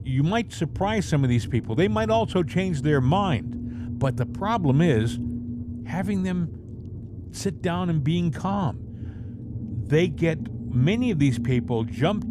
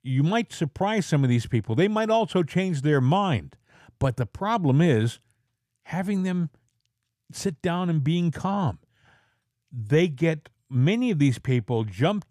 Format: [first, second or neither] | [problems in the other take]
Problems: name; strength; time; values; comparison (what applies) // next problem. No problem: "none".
second | low rumble; noticeable; throughout; 15 dB below the speech